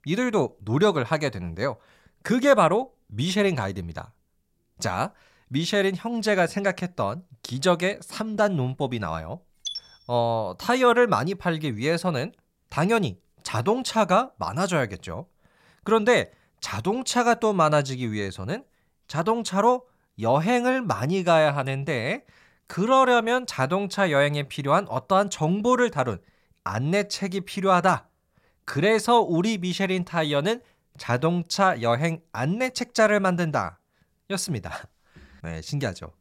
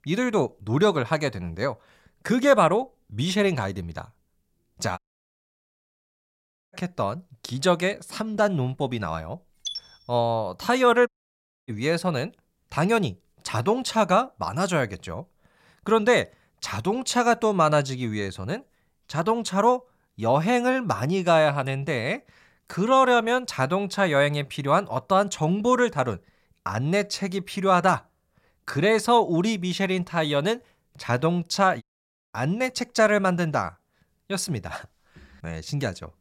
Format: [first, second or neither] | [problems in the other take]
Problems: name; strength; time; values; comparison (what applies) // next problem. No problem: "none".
first | audio cutting out; at 5 s for 1.5 s, at 11 s for 0.5 s and at 32 s for 0.5 s